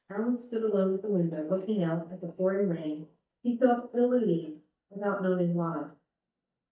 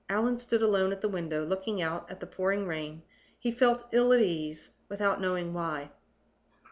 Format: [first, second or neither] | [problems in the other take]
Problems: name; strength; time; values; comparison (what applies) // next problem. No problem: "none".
second | noise reduction (neural mask model DeepFilterNet 3)